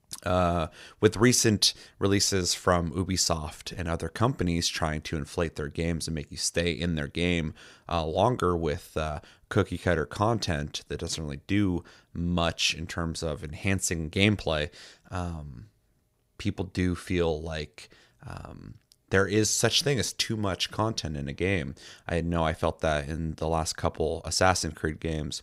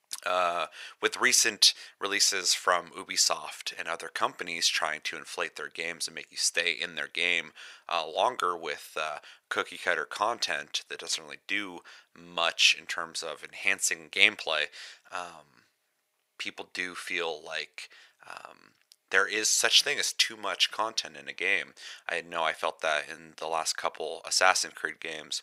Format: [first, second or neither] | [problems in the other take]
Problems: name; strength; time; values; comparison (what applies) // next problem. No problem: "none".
first | thin; very; fading below 750 Hz